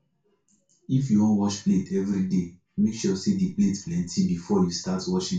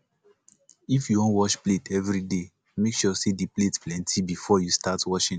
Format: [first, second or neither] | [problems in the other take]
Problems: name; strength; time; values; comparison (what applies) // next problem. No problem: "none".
second | room echo; dies away in 0.2 s